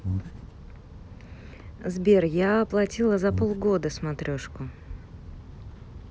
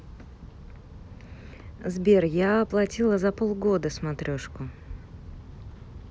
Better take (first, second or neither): second